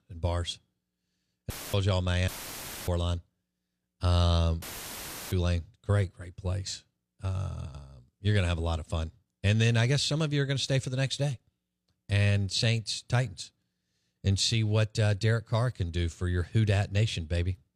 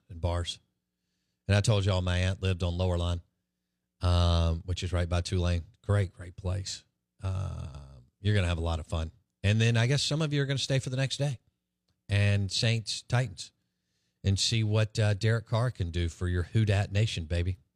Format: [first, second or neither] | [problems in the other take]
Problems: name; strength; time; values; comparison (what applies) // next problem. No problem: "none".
second | audio cutting out; filled with static; at 1.5 s, at 2.5 s for 0.5 s and at 4.5 s for 0.5 s